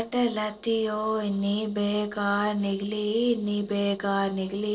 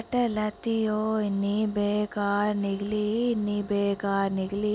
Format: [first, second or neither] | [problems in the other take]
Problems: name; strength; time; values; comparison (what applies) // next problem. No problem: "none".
second | noise reduction (neural separator model SepFormer DNS4)